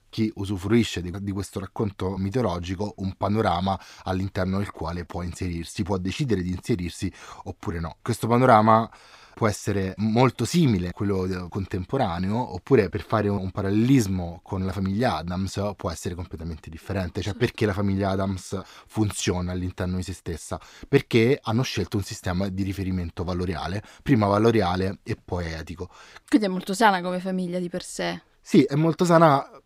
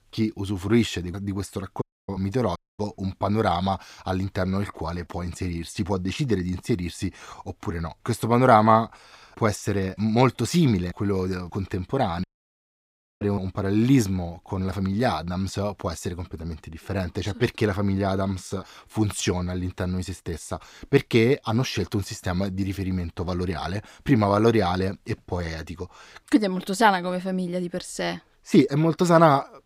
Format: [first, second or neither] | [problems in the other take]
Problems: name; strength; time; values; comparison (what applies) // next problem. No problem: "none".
first | audio cutting out; at 2 s, at 2.5 s and at 12 s for 1 s